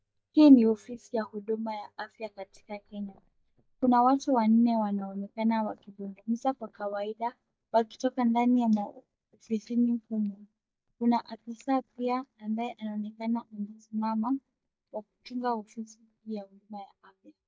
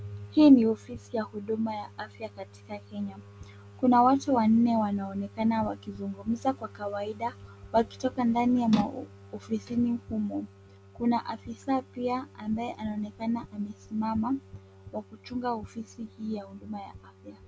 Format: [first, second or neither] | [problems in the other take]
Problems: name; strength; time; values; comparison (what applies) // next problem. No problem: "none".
second | noise reduction (neural mask model DeepFilterNet 3)